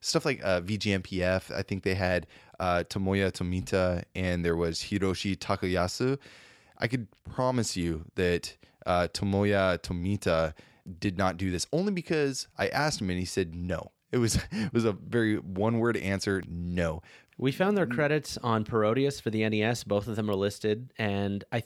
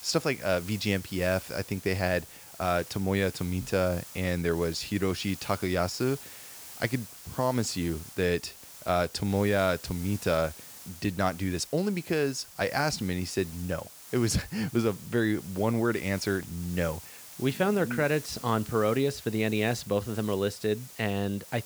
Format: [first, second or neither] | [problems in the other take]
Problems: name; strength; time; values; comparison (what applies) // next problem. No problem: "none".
first | hiss; noticeable; throughout; 15 dB below the speech